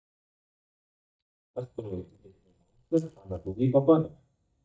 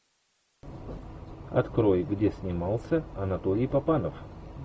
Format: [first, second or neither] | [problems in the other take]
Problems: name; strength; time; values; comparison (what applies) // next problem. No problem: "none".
second | noise reduction (neural mask model DeepFilterNet 3)